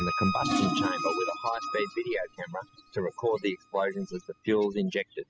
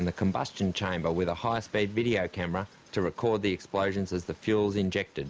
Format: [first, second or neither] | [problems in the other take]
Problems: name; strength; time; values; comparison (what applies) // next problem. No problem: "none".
second | noise reduction (classical method spectral subtraction)